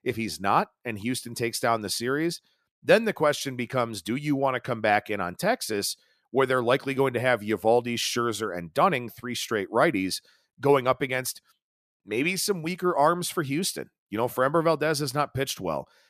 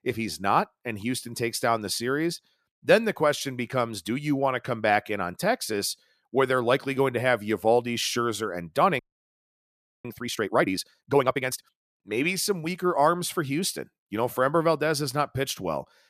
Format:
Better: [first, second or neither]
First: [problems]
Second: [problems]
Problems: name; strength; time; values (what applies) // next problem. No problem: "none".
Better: first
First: none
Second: audio freezing; at 9 s for 1 s